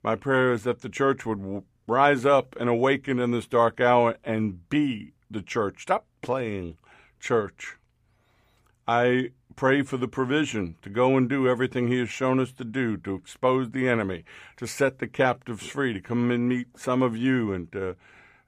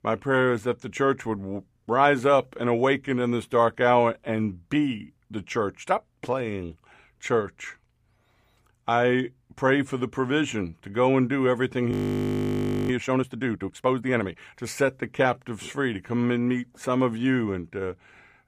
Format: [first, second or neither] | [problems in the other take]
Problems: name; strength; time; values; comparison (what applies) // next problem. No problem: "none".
first | audio freezing; at 12 s for 1 s